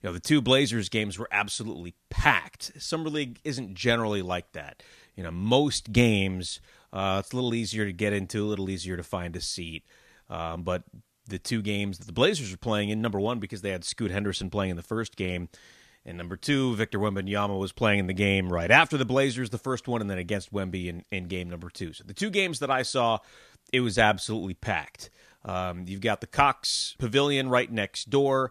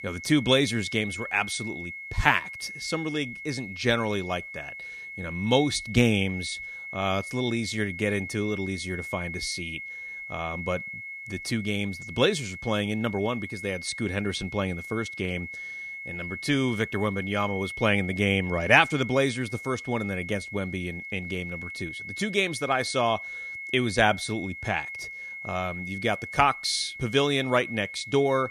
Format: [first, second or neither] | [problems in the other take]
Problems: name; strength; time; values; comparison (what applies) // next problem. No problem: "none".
first | high-pitched whine; loud; throughout; 2 kHz, 9 dB below the speech